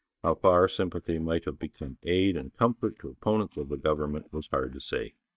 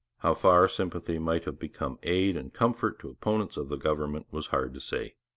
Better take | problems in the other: second | noise reduction (neural mask model DeepFilterNet 3)

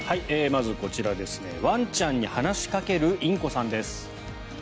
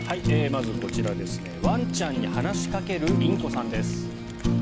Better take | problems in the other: first | background sound (Fire); 3 dB above the speech

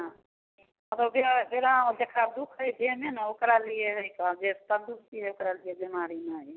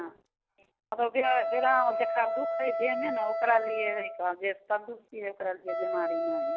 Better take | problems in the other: first | background sound (Wind instrument, woodwind instrument); 2 dB below the speech

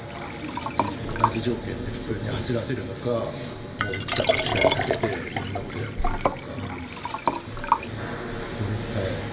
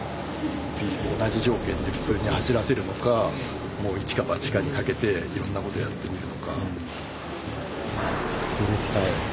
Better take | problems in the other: second | background sound (Liquid); 1 dB above the speech // room echo; dies away in 2.5 s

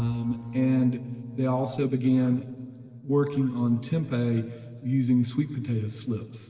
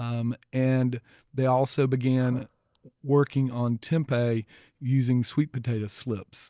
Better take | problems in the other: second | noise reduction (neural separator model SepFormer DNS4)

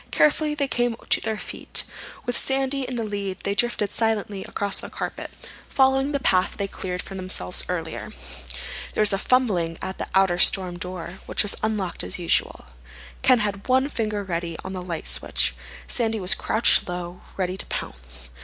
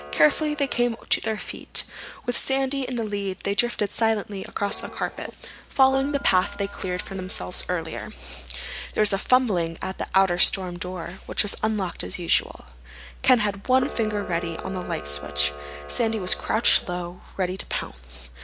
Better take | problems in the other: first | background sound (Camera); 16 dB below the speech

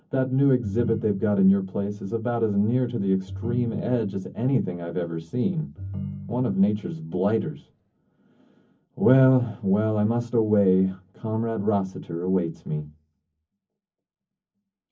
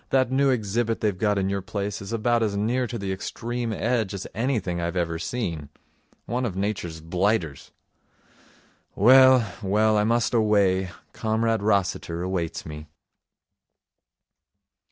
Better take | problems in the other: second | background sound (Ringtone); 11 dB below the speech // room echo; dies away in 0.3 s

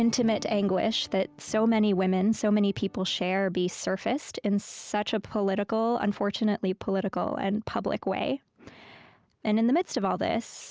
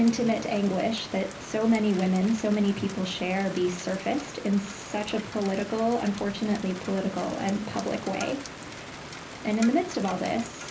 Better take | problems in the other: first | background sound (Rain); 13 dB below the speech // room echo; dies away in 0.3 s

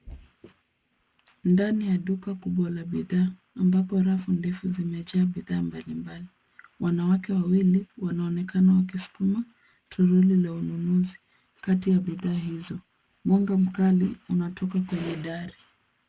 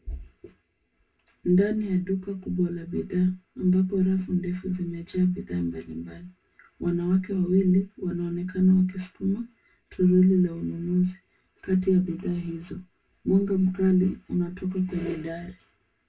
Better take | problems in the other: first | room echo; dies away in 0.2 s

